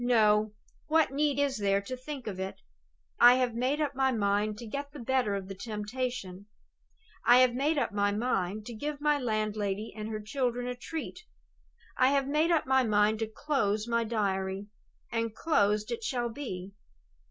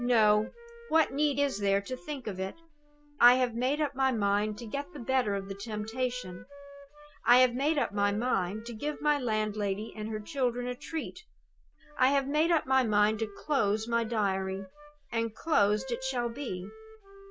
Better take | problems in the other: first | background sound (Wind instrument, woodwind instrument); 18 dB below the speech

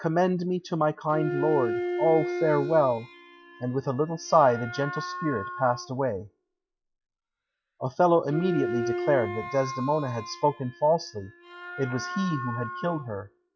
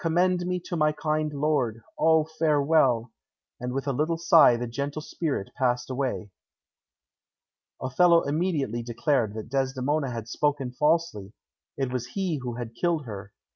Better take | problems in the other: second | noise reduction (classical method log-MMSE)

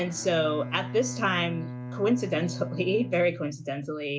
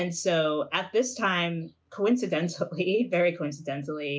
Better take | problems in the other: second | background sound (Bowed string instrument); 10 dB below the speech

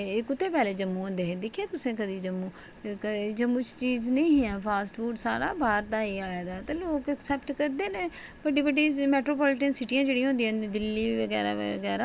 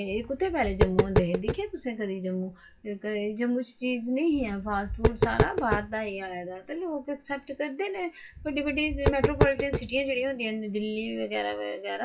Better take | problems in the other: first | noise reduction (classical method WPE with log-MMSE)

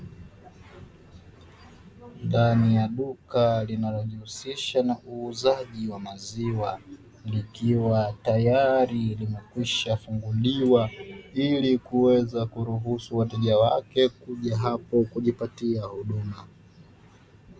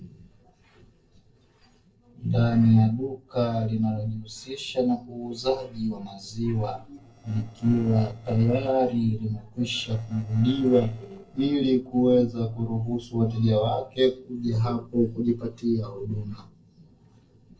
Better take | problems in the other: first | noise reduction (neural separator model SepFormer DNS4)

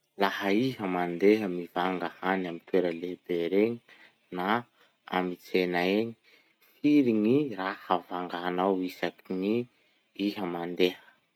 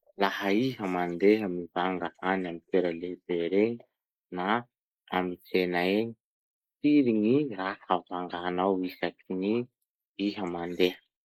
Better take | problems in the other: first | noise reduction (neural mask model Resemble Enhance denoiser)

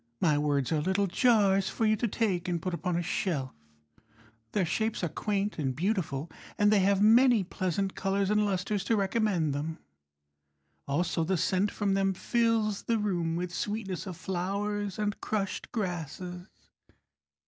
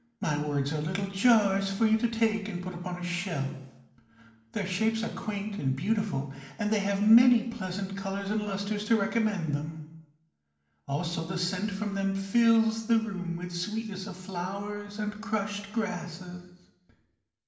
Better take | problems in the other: first | room echo; dies away in 0.9 s

